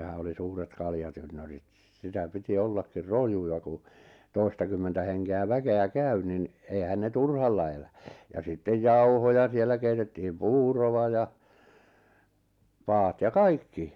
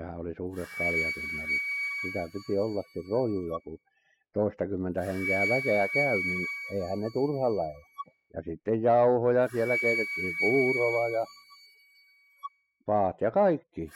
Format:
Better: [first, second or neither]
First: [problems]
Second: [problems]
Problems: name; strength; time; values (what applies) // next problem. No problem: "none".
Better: first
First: none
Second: noise reduction (classical method spectral subtraction)